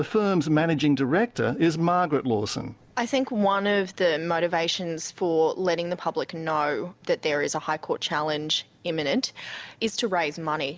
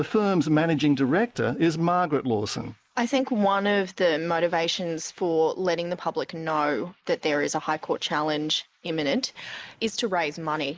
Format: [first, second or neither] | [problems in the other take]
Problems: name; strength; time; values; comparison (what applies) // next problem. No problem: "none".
first | noise reduction (neural mask model Resemble Enhance denoiser)